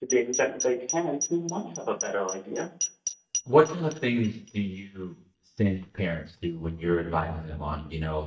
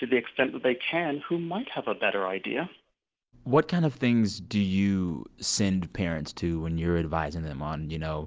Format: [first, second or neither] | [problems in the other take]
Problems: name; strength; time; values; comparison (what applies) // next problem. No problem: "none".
second | noise reduction (neural mask model DeepFilterNet 3)